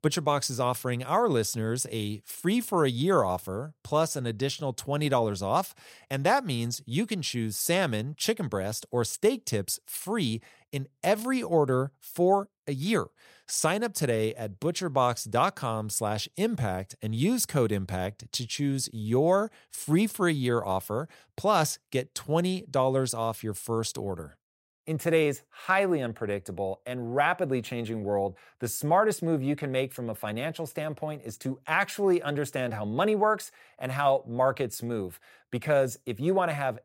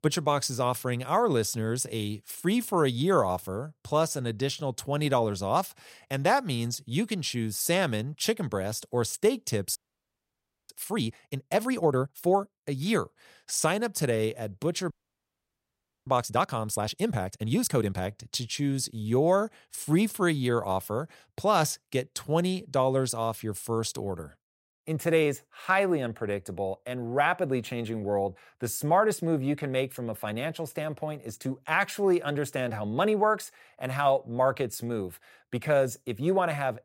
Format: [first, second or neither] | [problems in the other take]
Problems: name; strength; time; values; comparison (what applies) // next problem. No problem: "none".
first | audio freezing; at 10 s for 1 s and at 15 s for 1 s